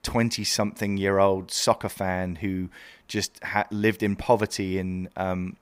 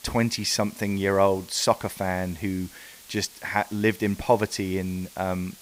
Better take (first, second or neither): first